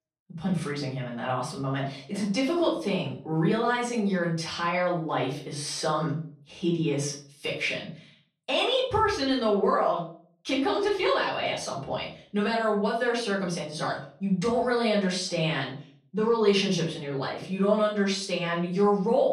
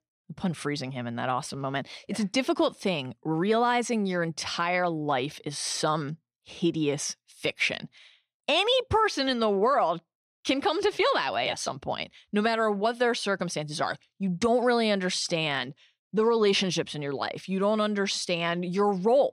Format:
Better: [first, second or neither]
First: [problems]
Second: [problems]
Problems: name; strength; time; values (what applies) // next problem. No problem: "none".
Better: second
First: off-mic speech; far // room echo; slight; dies away in 0.4 s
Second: none